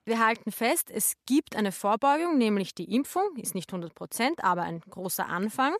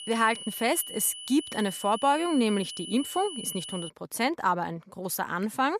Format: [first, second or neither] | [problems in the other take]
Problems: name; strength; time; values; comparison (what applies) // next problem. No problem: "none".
first | high-pitched whine; loud; until 4 s; 3 kHz, 10 dB below the speech